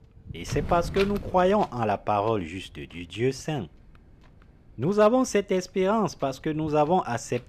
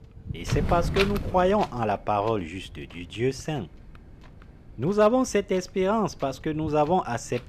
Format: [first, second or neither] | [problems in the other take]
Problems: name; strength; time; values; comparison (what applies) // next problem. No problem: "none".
first | wind noise on the microphone; heavy; 9 dB below the speech; occasional gusts in the first